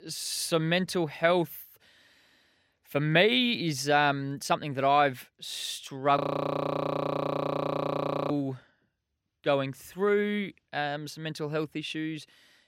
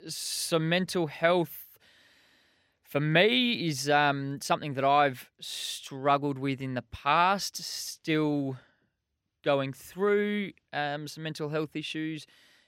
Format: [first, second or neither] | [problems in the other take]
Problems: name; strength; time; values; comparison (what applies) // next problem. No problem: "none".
second | audio freezing; at 6 s for 2 s